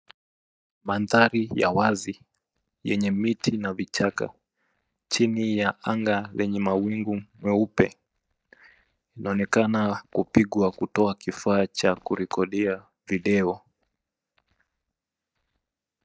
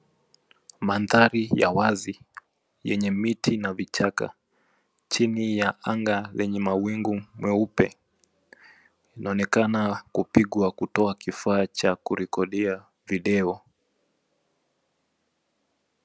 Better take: second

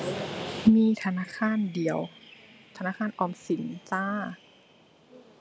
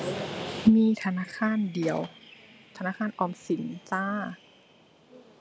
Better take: first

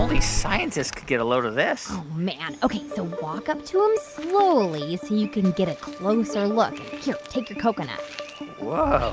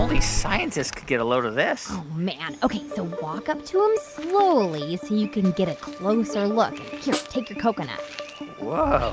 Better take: first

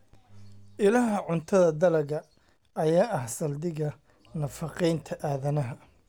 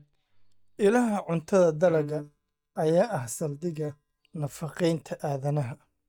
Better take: first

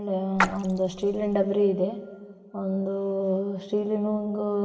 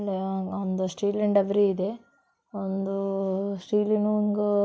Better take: second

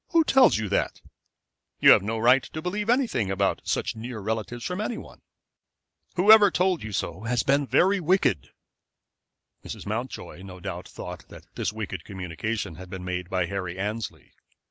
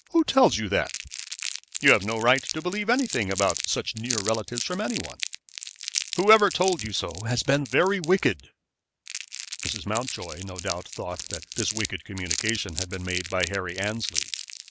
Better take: first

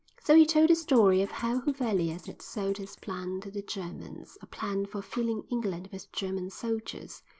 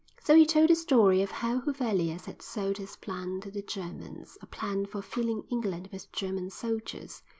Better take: second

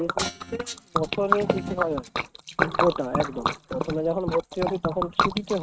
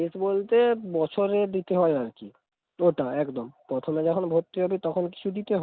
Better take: second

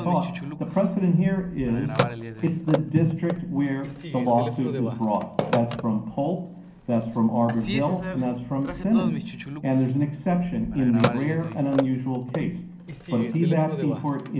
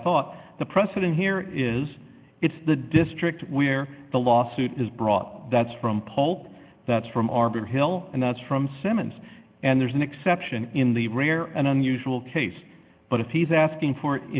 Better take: second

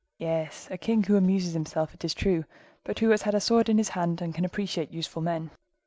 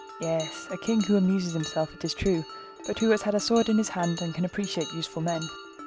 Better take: first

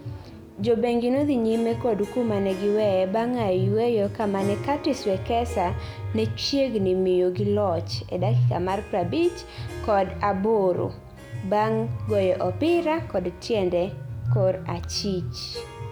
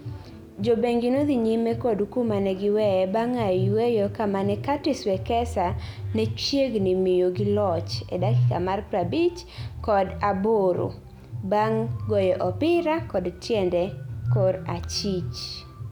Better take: second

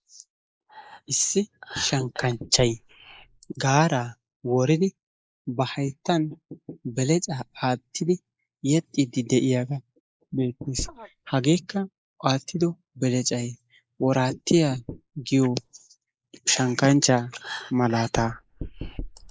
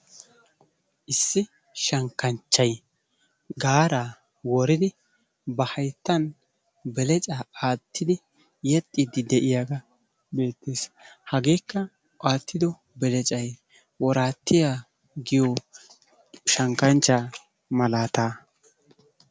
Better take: second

